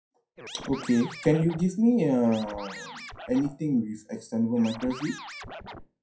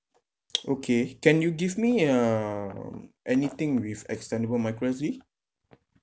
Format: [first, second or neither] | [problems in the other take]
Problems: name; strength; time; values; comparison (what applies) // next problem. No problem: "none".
second | noise reduction (classical method WPE with log-MMSE)